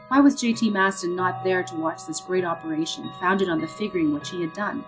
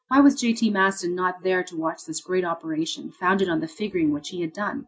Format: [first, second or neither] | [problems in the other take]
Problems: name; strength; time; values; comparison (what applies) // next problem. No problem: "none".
second | background sound (Chime / Clock); 16 dB below the speech